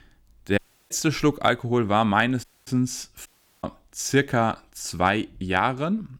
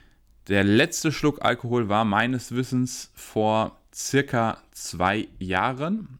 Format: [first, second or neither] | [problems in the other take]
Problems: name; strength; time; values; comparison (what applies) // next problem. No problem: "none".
second | audio cutting out; at 0.5 s, at 2.5 s and at 3.5 s